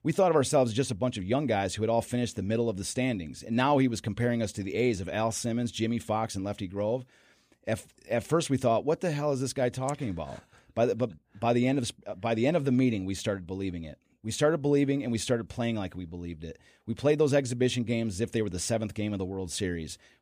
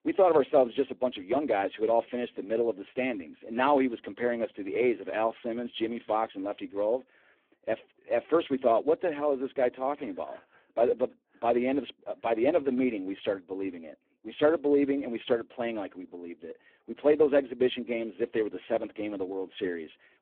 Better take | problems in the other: first | phone-call audio; poor line

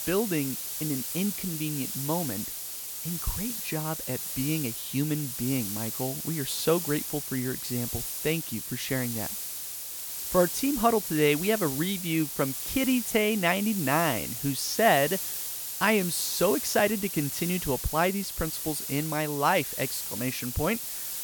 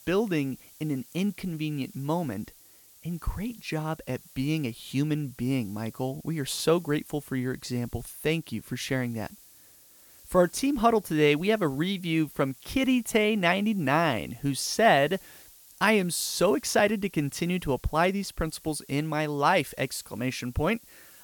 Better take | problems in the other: second | hiss; loud; throughout; 4 dB below the speech; faint in the second

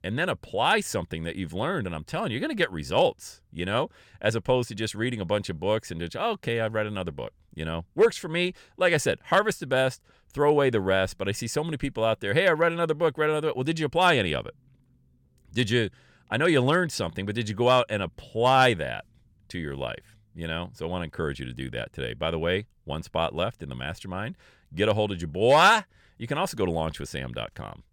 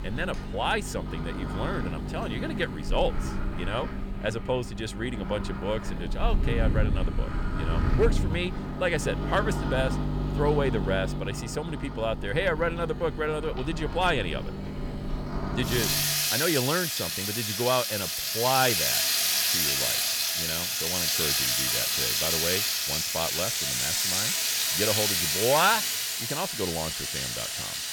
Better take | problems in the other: first | household noises; very loud; throughout; 3 dB above the speech

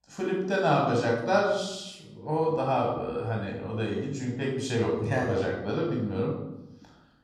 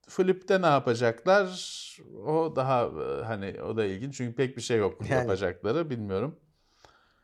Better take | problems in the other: second | off-mic speech; far // room echo; noticeable; dies away in 0.8 s

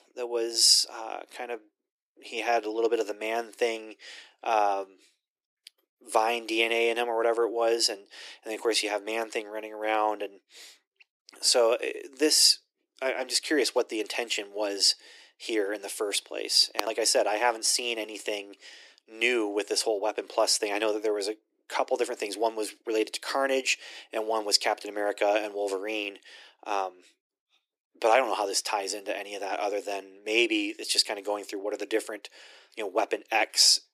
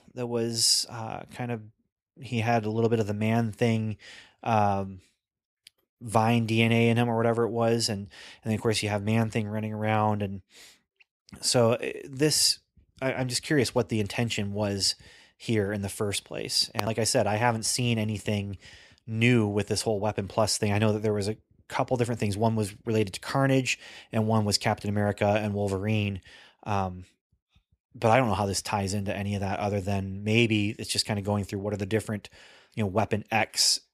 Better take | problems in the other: second | thin; very; fading below 300 Hz

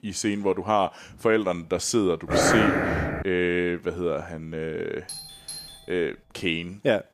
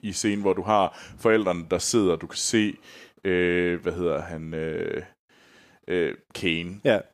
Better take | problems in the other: second | dog barking; loud; at 2.5 s; peak 6 dB above the speech // doorbell; faint; from 5 to 6.5 s; peak 10 dB below the speech

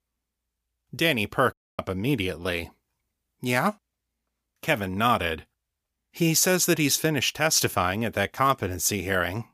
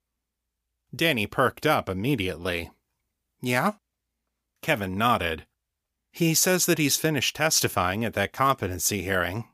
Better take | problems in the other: second | audio cutting out; at 1.5 s

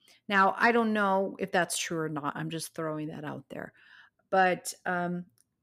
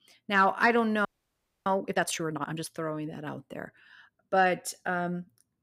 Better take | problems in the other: first | audio freezing; at 1 s for 0.5 s

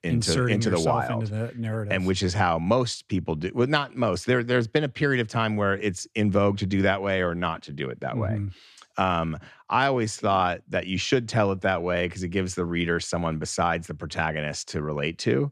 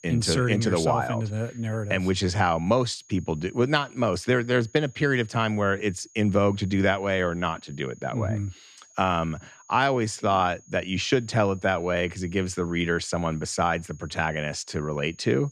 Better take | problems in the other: first | high-pitched whine; faint; throughout; 6.5 kHz, 25 dB below the speech

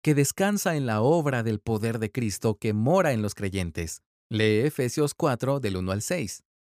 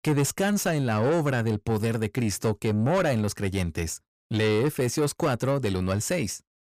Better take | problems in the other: first | distortion; slight; 10 dB below the speech

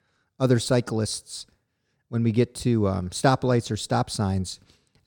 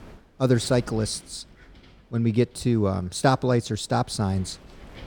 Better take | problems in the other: first | wind noise on the microphone; occasional gusts; 25 dB below the speech

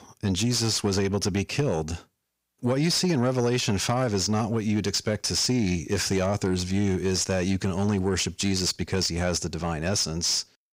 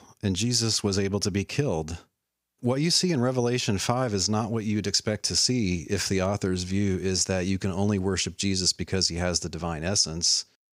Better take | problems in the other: second | distortion; slight; 10 dB below the speech

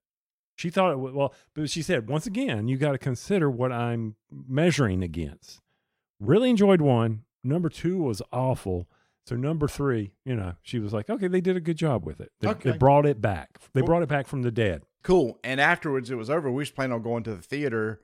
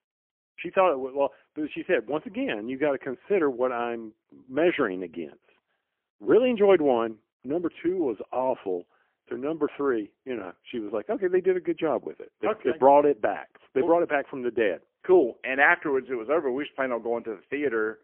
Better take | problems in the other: first | phone-call audio; poor line; nothing above 3 kHz

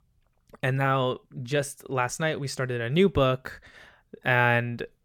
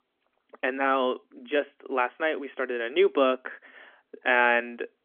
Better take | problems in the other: first | phone-call audio; nothing above 3.5 kHz

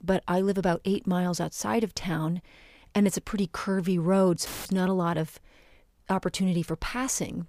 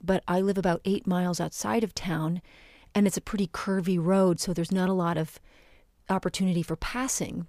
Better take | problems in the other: second | audio cutting out; filled with static; at 4.5 s

